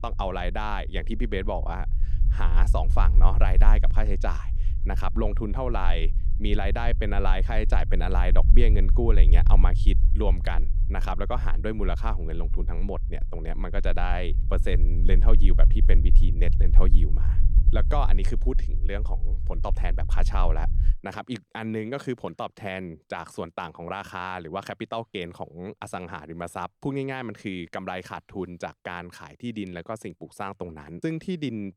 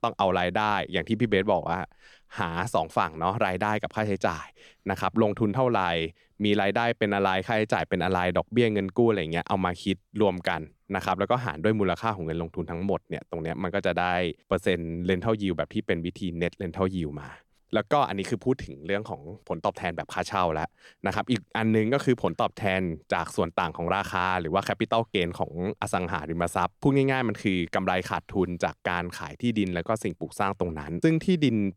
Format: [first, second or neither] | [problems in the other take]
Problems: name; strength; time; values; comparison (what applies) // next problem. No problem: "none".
second | low rumble; noticeable; until 21 s; 15 dB below the speech